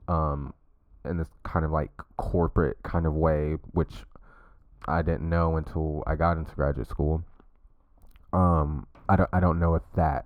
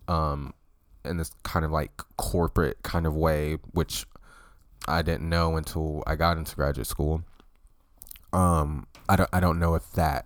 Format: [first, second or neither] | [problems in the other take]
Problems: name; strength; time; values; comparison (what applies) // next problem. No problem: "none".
second | muffled; very; fading above 3 kHz